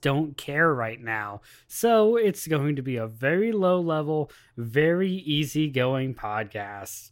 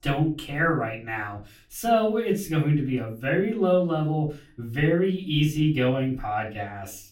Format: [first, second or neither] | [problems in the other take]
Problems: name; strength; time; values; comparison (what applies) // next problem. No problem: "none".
first | off-mic speech; far // room echo; very slight; dies away in 0.3 s